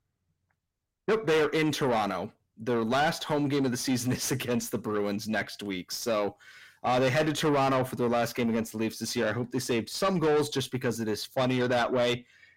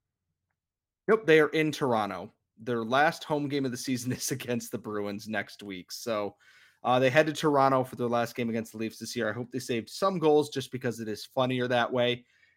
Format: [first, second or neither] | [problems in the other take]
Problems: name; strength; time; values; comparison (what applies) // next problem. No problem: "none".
second | distortion; heavy; 6 dB below the speech